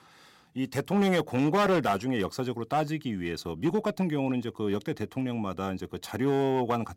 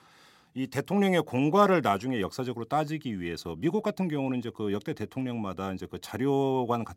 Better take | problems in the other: second | distortion; slight; 5% of the sound clipped

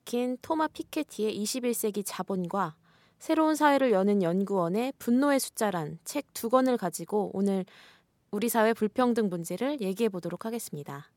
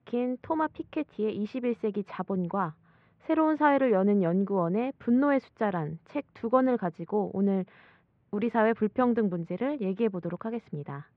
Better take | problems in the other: first | muffled; very; fading above 2.5 kHz

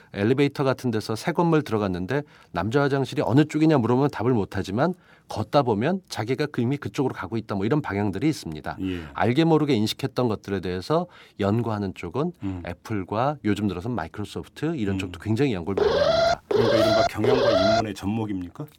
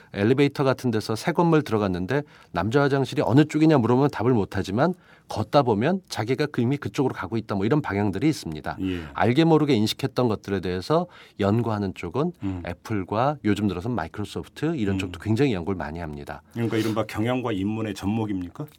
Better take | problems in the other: second | alarm; loud; from 16 to 18 s; peak 5 dB above the speech

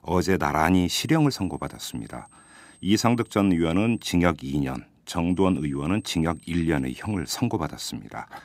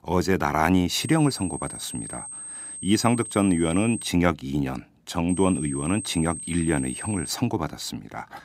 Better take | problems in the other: first | high-pitched whine; loud; from 1 to 4 s and from 5.5 to 7.5 s; 8.5 kHz, 9 dB below the speech; faint in the first

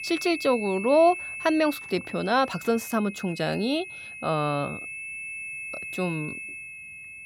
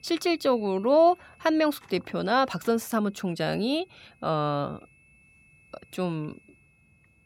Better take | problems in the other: second | high-pitched whine; loud; throughout; 2.5 kHz, 10 dB below the speech; faint in the second

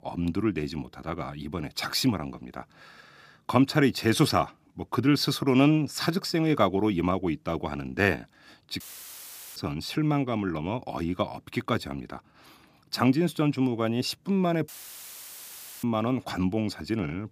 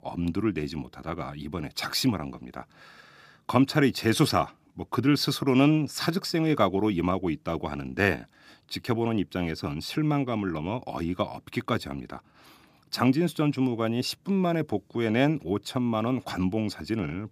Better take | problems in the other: second | audio cutting out; filled with static; at 9 s for 1 s and at 15 s for 1 s

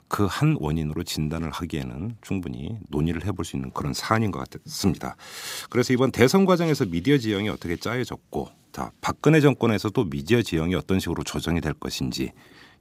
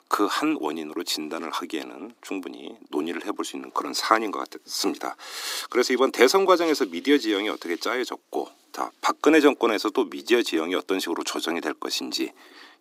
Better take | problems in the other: first | thin; somewhat; fading below 300 Hz

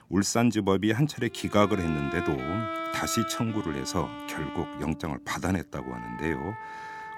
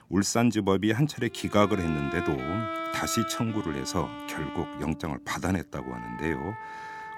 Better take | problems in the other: neither | background music; loud; from 2 s on; 8 dB below the speech; the same in both

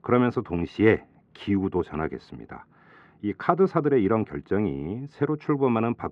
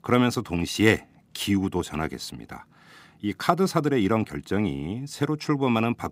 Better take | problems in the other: second | muffled; very; fading above 1.5 kHz

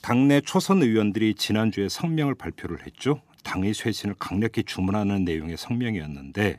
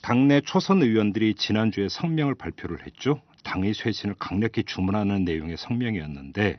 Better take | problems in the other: first | garbled, watery; slightly; nothing above 6 kHz

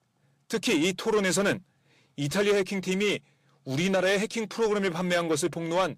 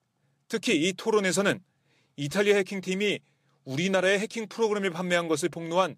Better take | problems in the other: second | distortion; slight; 10 dB below the speech

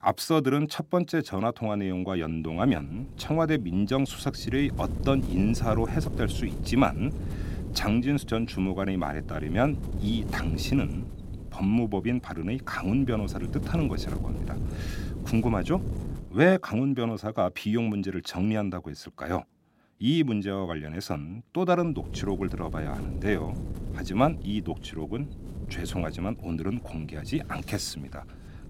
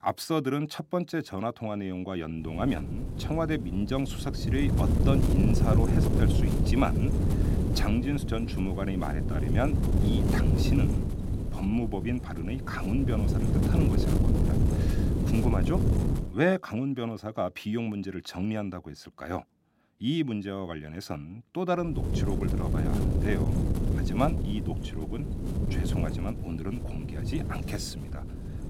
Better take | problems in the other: first | wind noise on the microphone; heavy; from 2.5 to 16 s and from 22 s on; 3 dB below the speech; occasional gusts in the first

